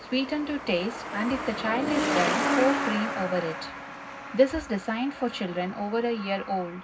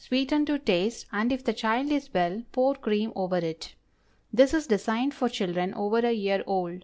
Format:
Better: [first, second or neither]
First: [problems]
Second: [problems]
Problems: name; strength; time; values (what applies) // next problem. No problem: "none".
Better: second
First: background sound (Truck); 3 dB below the speech // room echo; dies away in 0.4 s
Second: none